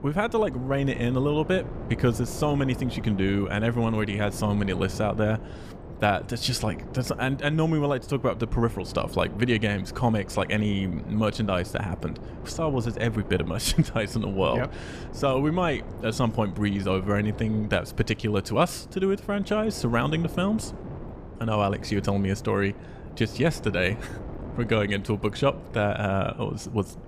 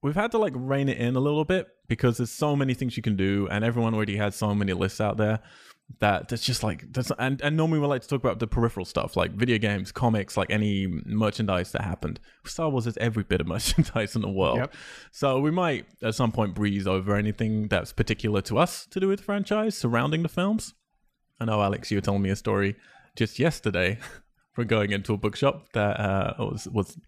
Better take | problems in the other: second | wind noise on the microphone; occasional gusts; 15 dB below the speech

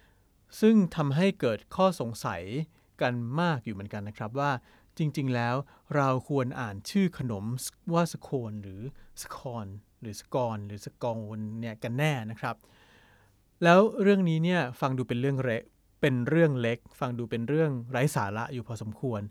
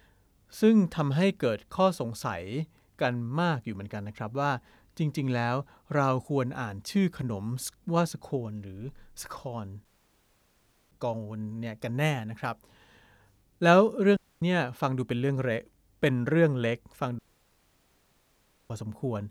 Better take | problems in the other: first | audio cutting out; at 10 s for 1 s, at 14 s and at 17 s for 1.5 s

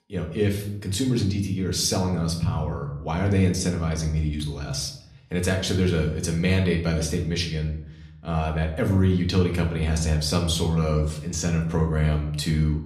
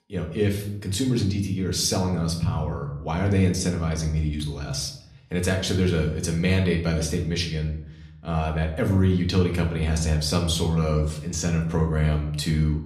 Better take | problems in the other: neither | room echo; slight; dies away in 0.6 s; the same in both // off-mic speech; somewhat distant; the same in both

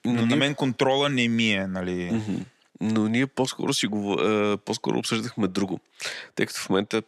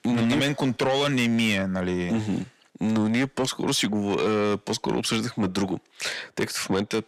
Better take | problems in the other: first | distortion; slight; 10 dB below the speech

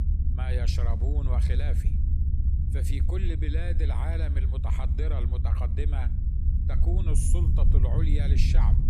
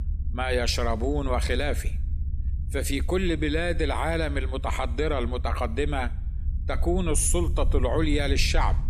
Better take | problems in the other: second | low rumble; loud; throughout; 3 dB below the speech; faint in the second

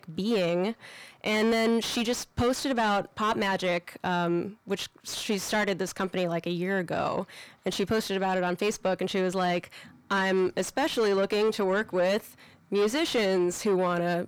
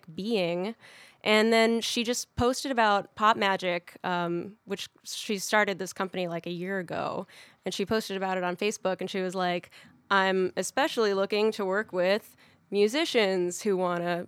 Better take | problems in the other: second | distortion; heavy; 7 dB below the speech

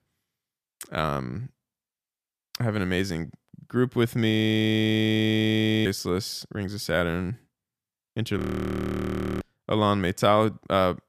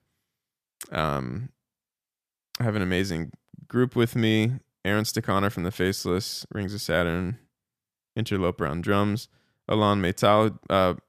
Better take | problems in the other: second | audio freezing; at 4.5 s for 1.5 s and at 8.5 s for 1 s

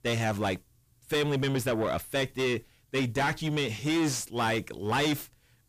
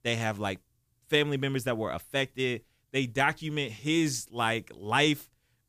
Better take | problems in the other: second | distortion; heavy; 6 dB below the speech

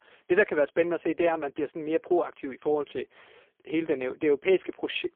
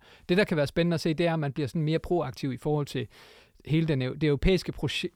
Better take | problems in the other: second | phone-call audio; poor line; nothing above 3.5 kHz

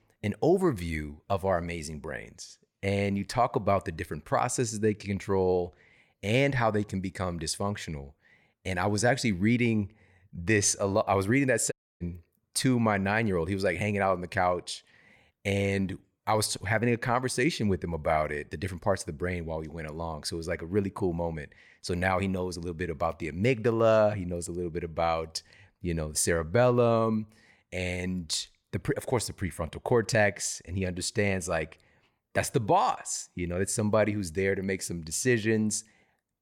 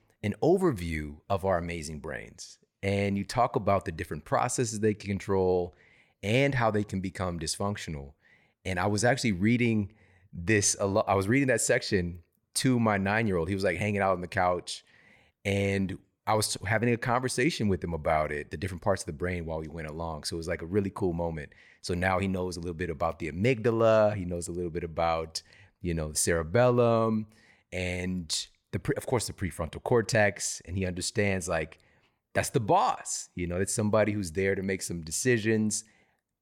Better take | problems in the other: second | audio cutting out; at 12 s

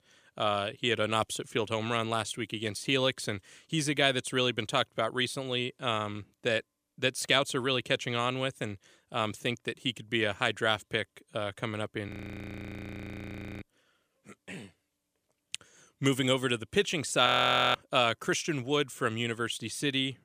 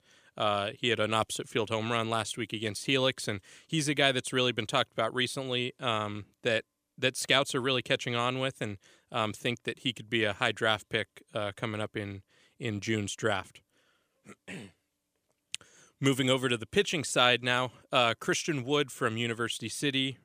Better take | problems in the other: second | audio freezing; at 12 s for 1.5 s and at 17 s

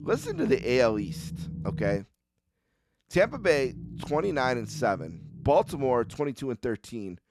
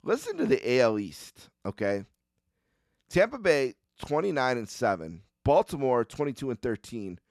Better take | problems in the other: second | low rumble; faint; until 2 s and from 3 to 6 s; 20 dB below the speech

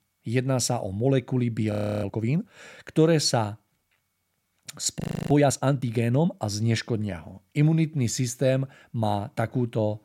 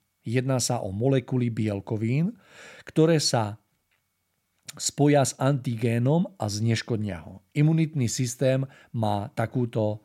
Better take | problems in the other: second | audio freezing; at 1.5 s and at 5 s

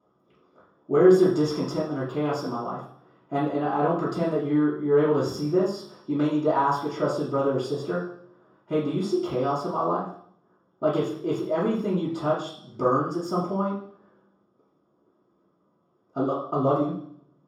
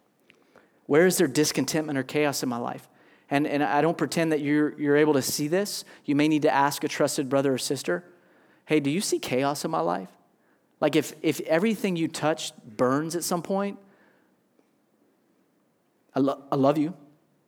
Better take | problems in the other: second | room echo; noticeable; dies away in 0.6 s // off-mic speech; far

